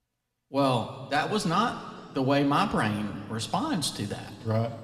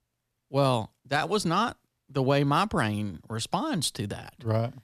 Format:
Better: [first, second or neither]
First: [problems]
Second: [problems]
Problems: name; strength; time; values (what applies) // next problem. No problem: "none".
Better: second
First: room echo; very slight; dies away in 1.9 s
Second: none